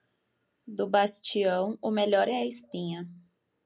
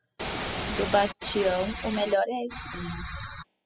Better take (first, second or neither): first